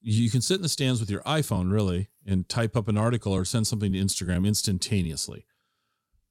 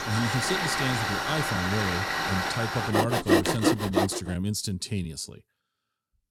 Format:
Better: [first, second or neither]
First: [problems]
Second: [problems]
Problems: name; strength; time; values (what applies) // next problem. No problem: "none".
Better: first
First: none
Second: machinery noise; very faint; until 4 s; 4 dB above the speech